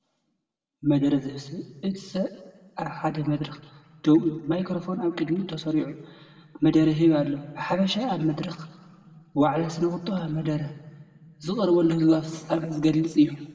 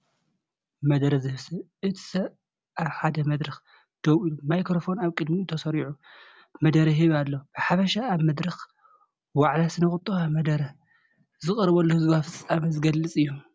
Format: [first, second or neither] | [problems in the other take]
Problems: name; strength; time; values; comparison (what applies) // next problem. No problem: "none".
second | room echo; dies away in 1.3 s